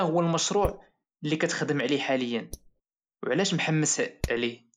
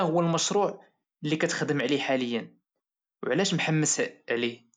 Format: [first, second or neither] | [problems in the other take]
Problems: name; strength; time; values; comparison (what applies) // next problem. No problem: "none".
second | noise reduction (neural mask model Resemble Enhance denoiser)